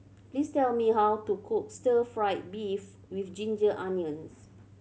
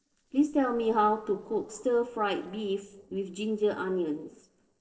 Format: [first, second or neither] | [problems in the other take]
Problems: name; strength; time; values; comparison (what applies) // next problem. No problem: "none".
first | noise reduction (neural separator model SepFormer DNS4)